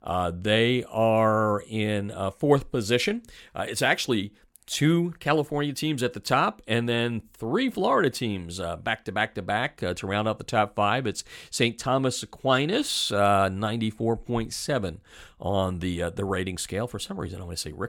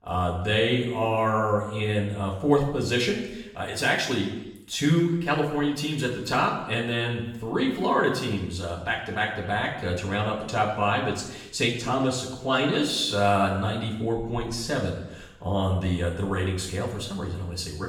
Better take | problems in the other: first | room echo; noticeable; dies away in 0.8 s // off-mic speech; far

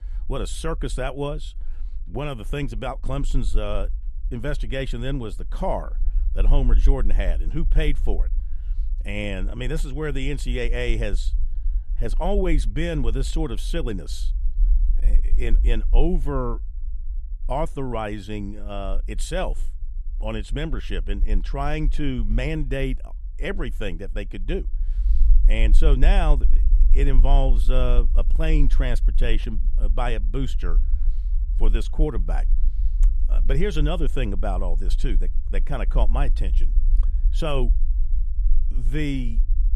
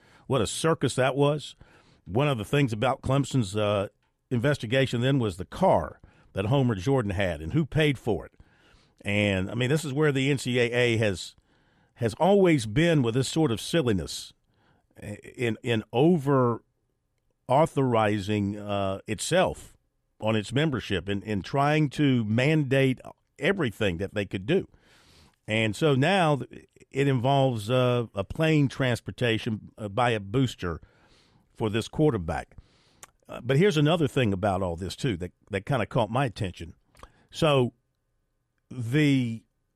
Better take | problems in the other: second | low rumble; faint; throughout; 20 dB below the speech

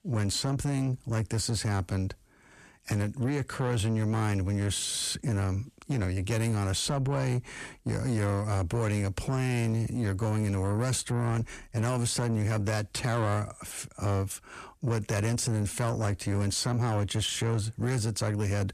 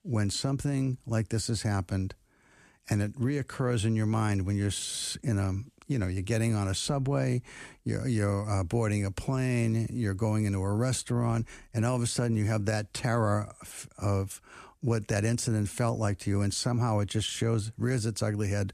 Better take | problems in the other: second | distortion; slight; 10 dB below the speech

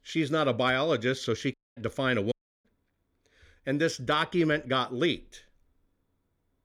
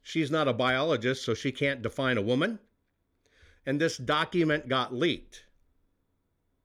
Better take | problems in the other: second | audio cutting out; at 1.5 s and at 2.5 s

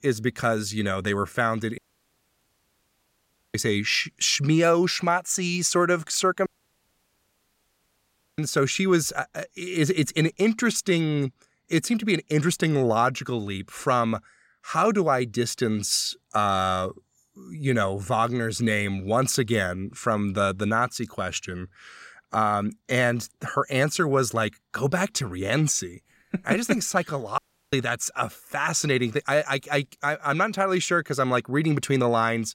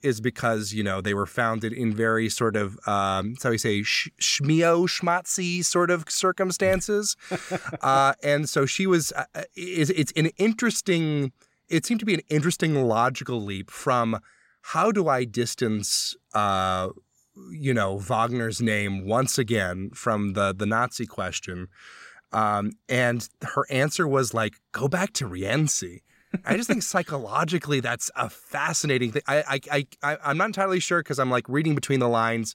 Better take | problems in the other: second | audio cutting out; at 2 s for 2 s, at 6.5 s for 2 s and at 27 s

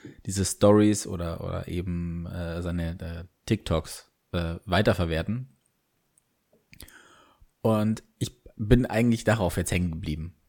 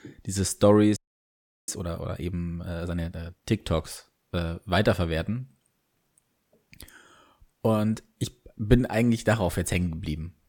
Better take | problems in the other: first | audio freezing; at 1 s for 0.5 s

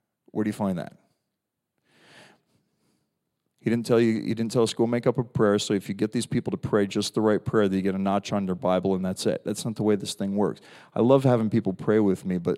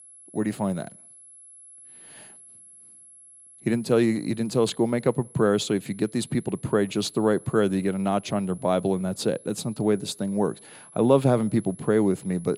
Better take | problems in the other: first | high-pitched whine; faint; throughout; 11 kHz, 20 dB below the speech

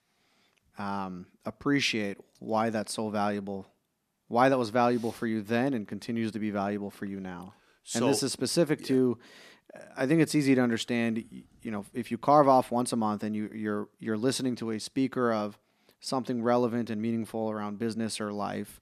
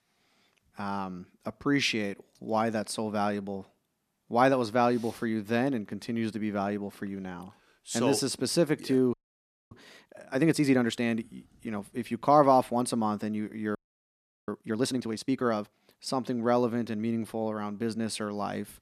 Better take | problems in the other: first | audio freezing; at 9 s for 0.5 s and at 14 s for 0.5 s

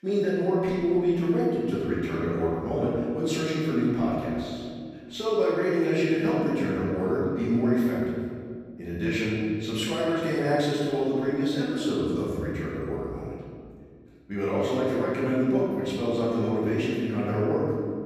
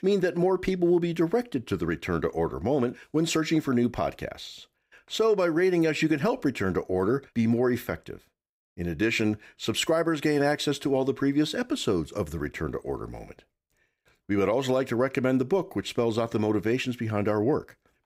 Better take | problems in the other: second | room echo; strong; dies away in 2.1 s // off-mic speech; far

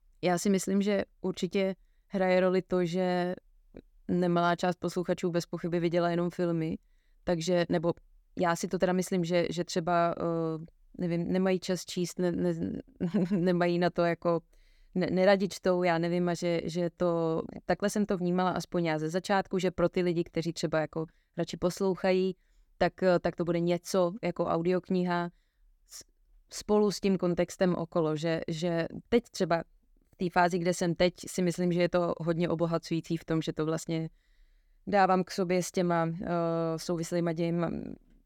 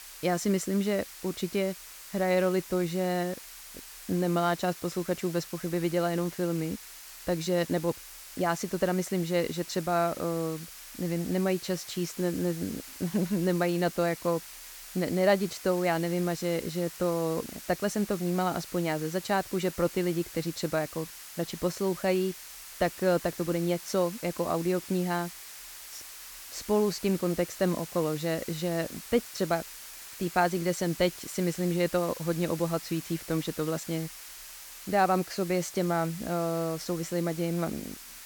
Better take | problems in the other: first | hiss; noticeable; throughout; 15 dB below the speech

